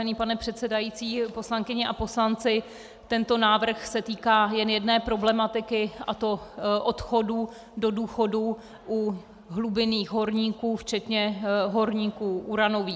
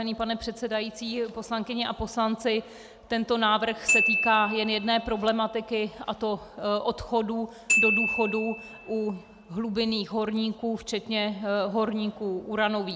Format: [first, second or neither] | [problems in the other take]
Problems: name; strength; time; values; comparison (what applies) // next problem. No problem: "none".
first | background sound (Glockenspiel); 3 dB below the speech